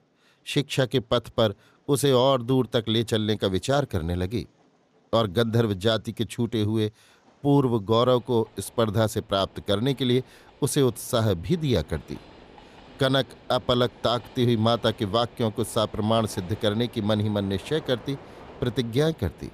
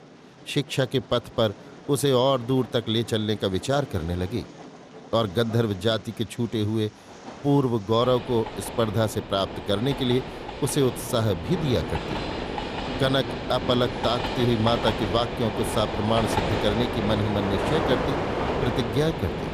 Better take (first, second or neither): first